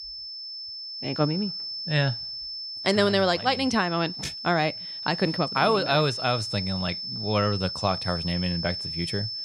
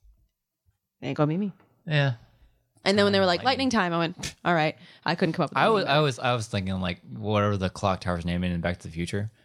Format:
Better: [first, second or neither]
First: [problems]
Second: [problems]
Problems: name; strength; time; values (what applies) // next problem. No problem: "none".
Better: second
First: high-pitched whine; loud; throughout; 5.5 kHz, 6 dB below the speech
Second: none